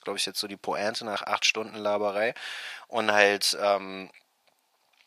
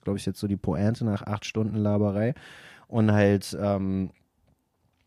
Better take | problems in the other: second | thin; very; fading below 800 Hz

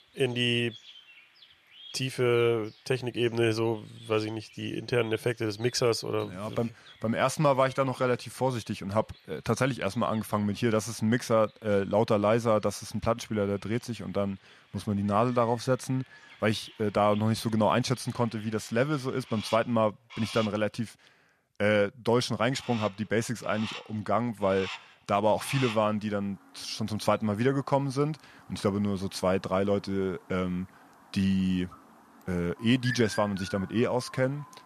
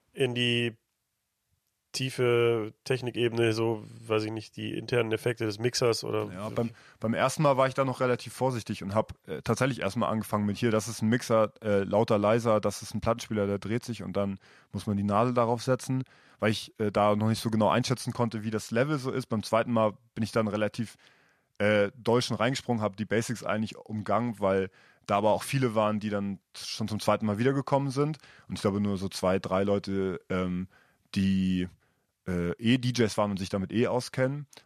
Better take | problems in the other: second | animal sounds; noticeable; throughout; 20 dB below the speech

